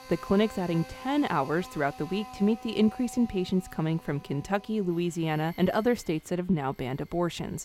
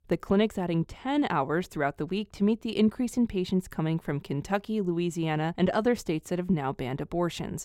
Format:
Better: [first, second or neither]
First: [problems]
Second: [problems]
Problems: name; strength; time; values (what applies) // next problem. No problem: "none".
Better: second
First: machinery noise; noticeable; throughout; 20 dB below the speech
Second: none